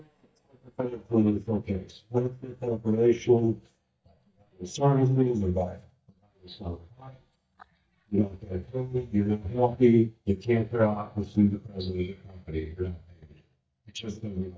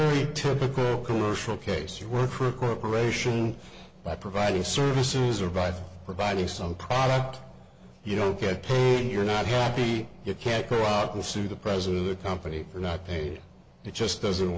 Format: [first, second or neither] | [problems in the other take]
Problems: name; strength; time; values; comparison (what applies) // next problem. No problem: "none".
second | noise reduction (neural mask model DeepFilterNet 3)